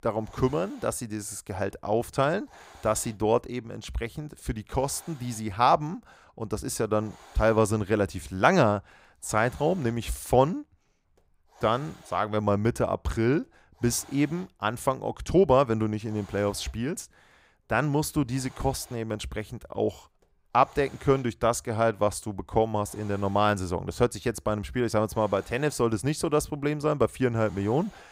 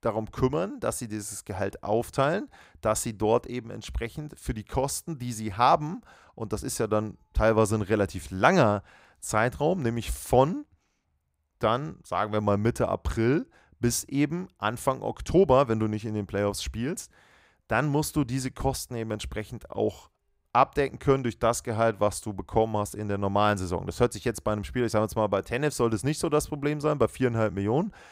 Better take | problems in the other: second | hiss; faint; throughout; 25 dB below the speech

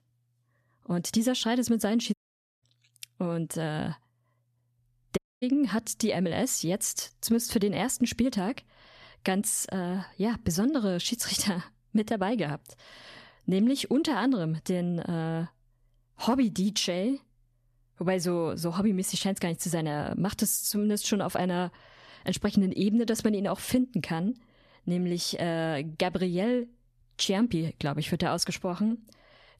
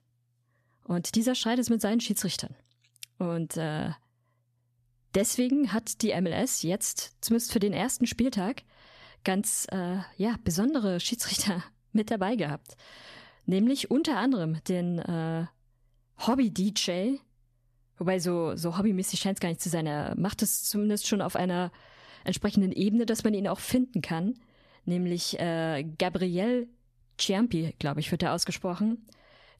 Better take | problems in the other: second | audio cutting out; at 2 s and at 5 s

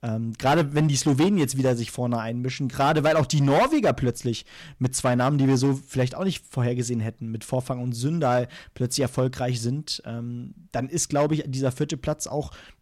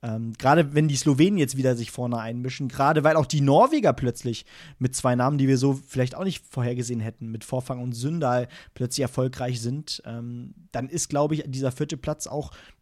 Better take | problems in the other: second | distortion; slight; 6% of the sound clipped

